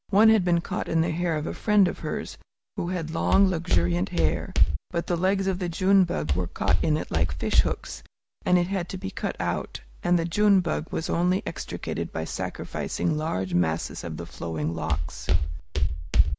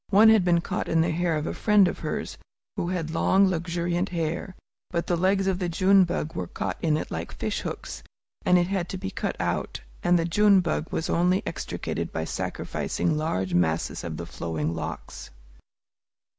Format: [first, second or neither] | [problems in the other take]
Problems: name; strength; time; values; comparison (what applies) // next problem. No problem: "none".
second | background sound (Walk, footsteps); 4 dB above the speech